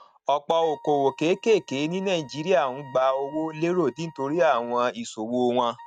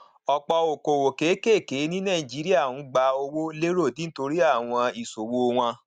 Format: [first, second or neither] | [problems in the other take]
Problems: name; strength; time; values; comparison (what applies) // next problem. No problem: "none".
second | noise reduction (neural mask model RNNoise)